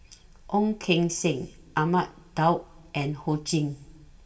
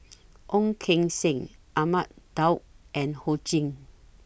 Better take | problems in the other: second | room echo; dies away in 0.5 s

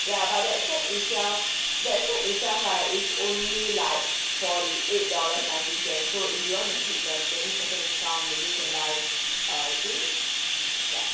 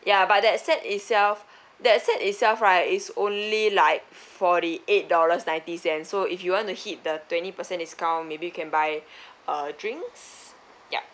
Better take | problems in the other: second | background sound (Bathtub (filling or washing)); 4 dB above the speech // room echo; dies away in 0.6 s

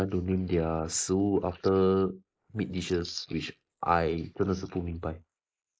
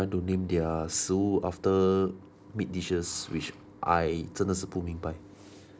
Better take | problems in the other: second | noise reduction (neural mask model Resemble Enhance denoiser)

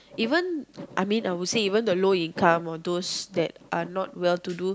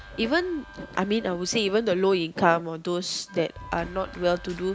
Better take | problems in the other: first | background sound (Clapping + Wind instrument, woodwind instrument); 19 dB below the speech

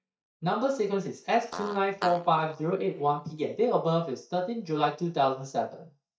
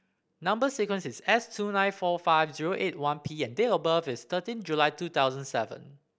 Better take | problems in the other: second | noise reduction (neural mask model DeepFilterNet 3)

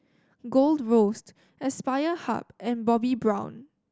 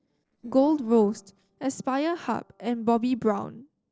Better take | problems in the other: first | noise reduction (neural separator model SepFormer DNS4)

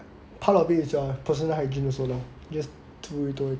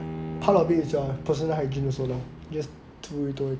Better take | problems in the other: first | background sound (Bowed string instrument); 11 dB below the speech

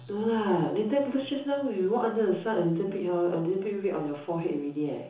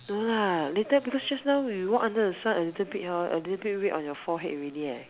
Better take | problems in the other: second | room echo; dies away in 0.7 s

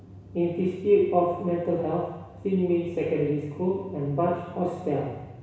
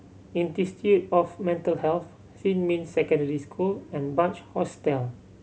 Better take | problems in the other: second | room echo; dies away in 1.1 s

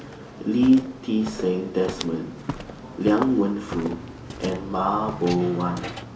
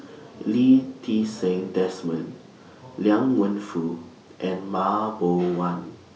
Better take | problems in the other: second | background sound (Walk, footsteps); 11 dB below the speech

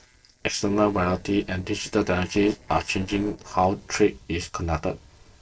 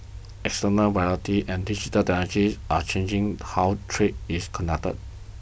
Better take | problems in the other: second | noise reduction (neural separator model SepFormer DNS4)

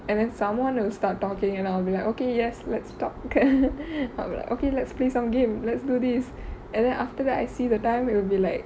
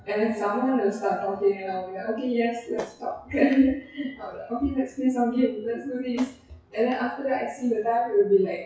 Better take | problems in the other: first | noise reduction (classical method WPE with log-MMSE)

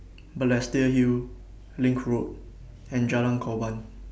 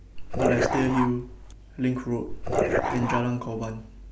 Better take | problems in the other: first | background sound (Dog); 1 dB above the speech

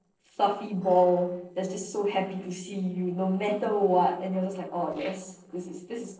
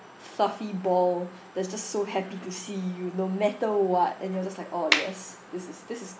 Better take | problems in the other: second | noise reduction (neural separator model SepFormer DNS4)

